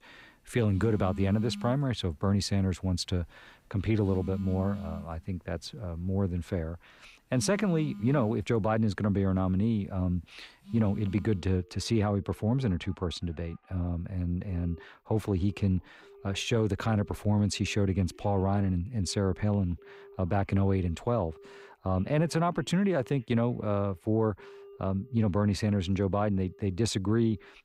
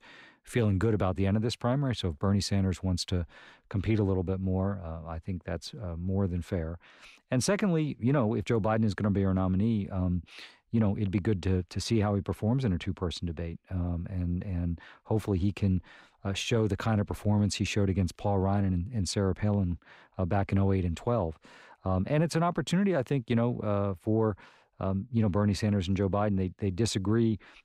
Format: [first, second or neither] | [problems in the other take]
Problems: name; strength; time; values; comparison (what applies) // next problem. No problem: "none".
second | alarms or sirens; noticeable; throughout; 15 dB below the speech